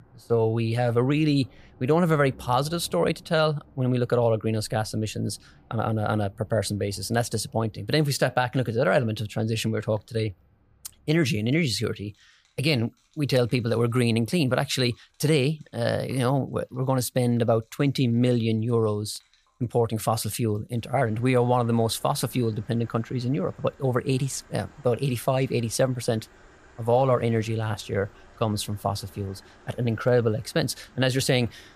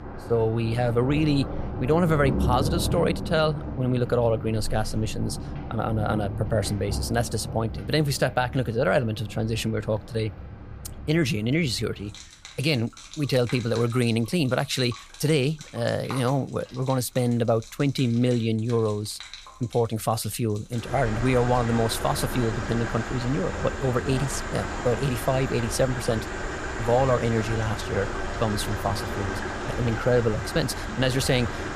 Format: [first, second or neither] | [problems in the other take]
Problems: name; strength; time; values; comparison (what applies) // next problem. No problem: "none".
first | rain or running water; loud; throughout; 8 dB below the speech; faint in the first